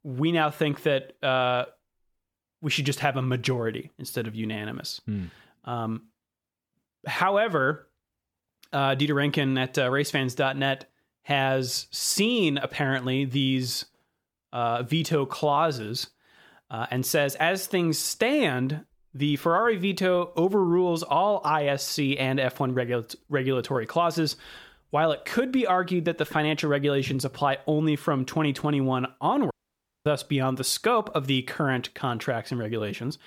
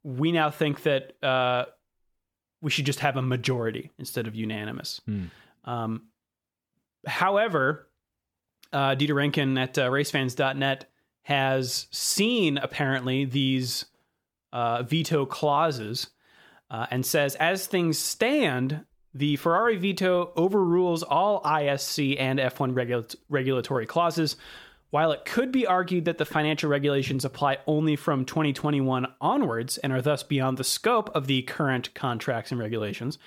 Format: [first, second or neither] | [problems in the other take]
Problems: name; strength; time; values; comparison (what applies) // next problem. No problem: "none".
second | audio cutting out; at 30 s for 0.5 s